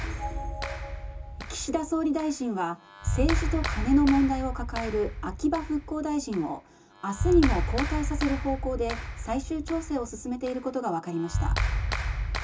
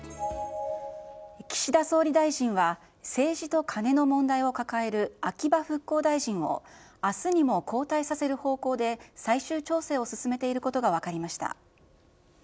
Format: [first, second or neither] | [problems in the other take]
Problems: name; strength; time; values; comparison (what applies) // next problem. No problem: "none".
second | background sound (Clapping); 2 dB below the speech // room echo; dies away in 0.2 s